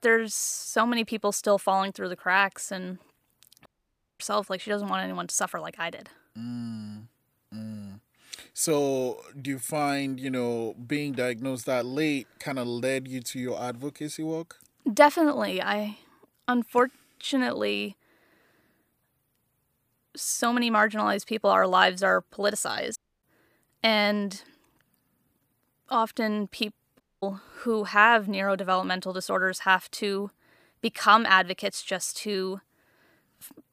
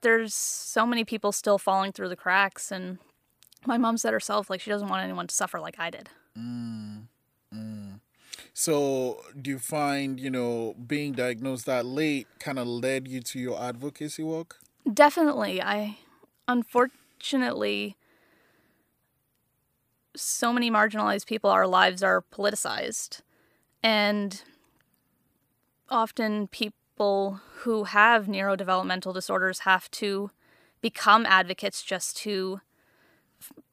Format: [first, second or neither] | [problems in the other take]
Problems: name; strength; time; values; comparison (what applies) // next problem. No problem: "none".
second | audio cutting out; at 3.5 s for 0.5 s, at 23 s and at 27 s